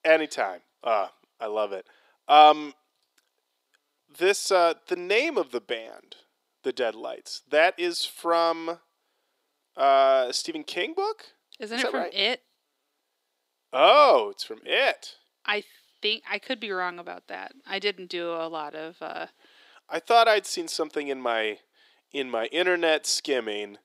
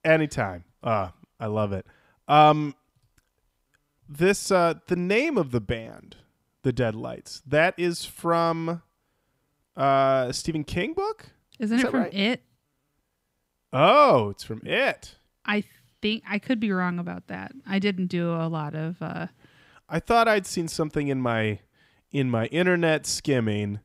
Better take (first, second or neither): second